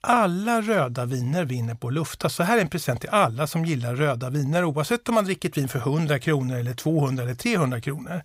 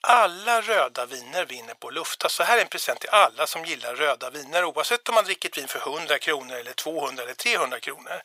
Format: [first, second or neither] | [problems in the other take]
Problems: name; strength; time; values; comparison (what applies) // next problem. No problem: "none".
first | thin; very; fading below 550 Hz